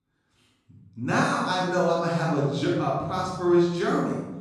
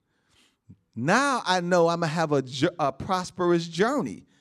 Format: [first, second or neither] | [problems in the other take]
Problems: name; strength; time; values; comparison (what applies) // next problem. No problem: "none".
second | off-mic speech; far // room echo; strong; dies away in 1.2 s